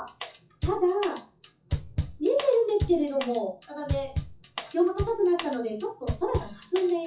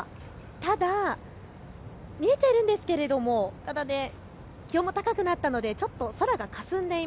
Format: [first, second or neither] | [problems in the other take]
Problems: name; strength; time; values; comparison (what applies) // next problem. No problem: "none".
second | noise reduction (classical method WPE with log-MMSE)